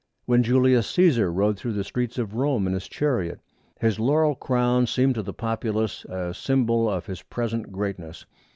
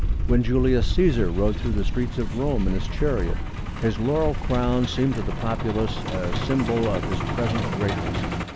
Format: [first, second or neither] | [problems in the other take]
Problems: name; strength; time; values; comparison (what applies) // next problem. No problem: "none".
first | background sound (Truck); as loud as the speech